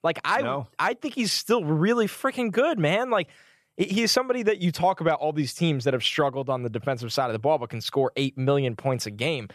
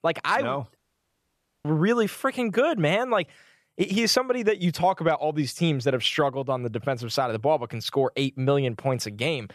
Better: first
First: none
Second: audio cutting out; at 1 s for 1 s

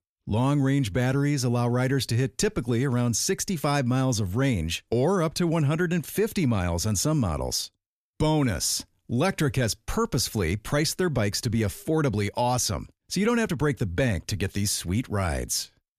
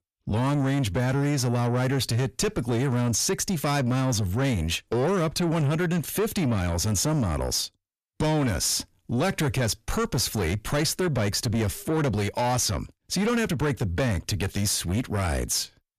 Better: first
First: none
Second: distortion; slight; 10 dB below the speech

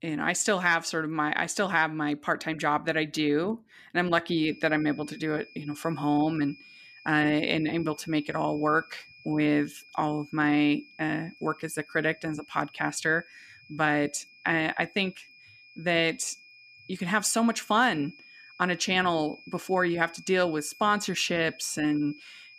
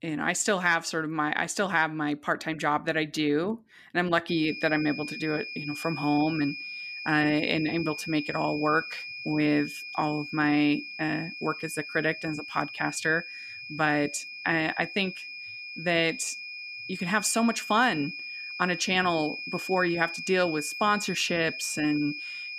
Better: first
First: high-pitched whine; faint; from 4.5 s on; 2.5 kHz, 25 dB below the speech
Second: high-pitched whine; loud; from 4.5 s on; 2.5 kHz, 9 dB below the speech

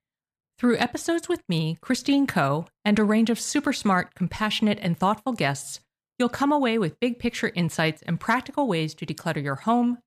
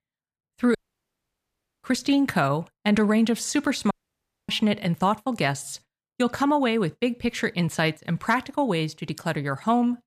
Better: first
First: none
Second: audio cutting out; at 1 s for 1 s and at 4 s for 0.5 s

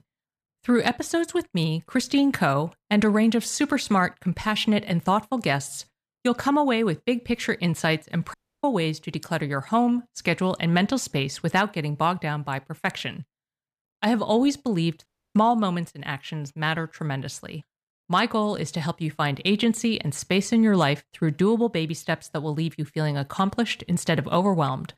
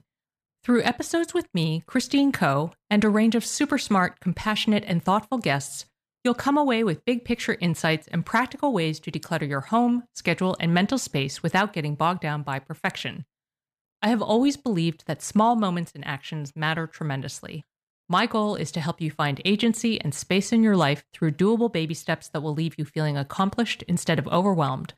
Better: second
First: audio cutting out; at 8.5 s and at 15 s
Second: none

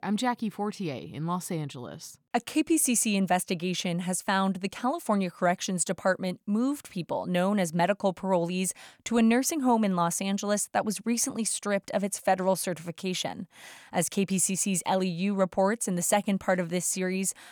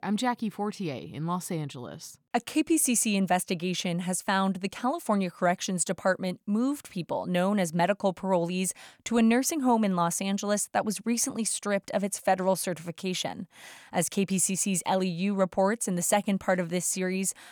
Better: neither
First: none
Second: none

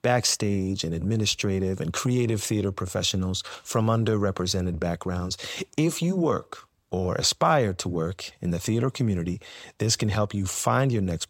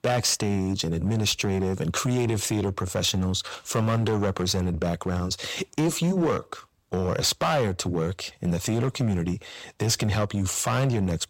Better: first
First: none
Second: distortion; slight; 9% of the sound clipped

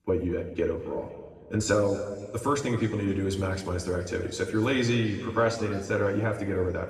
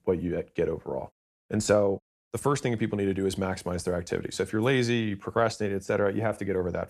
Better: second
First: room echo; slight; dies away in 2 s // off-mic speech; somewhat distant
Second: none

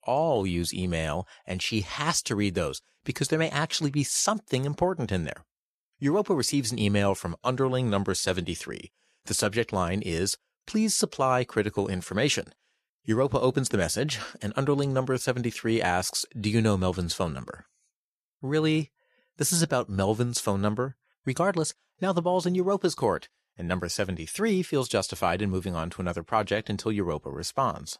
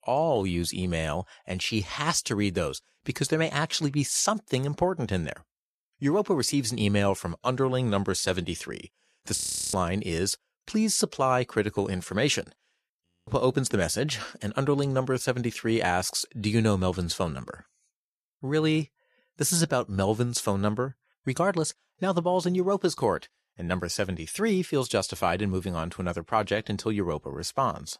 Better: first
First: none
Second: audio freezing; at 9.5 s and at 13 s

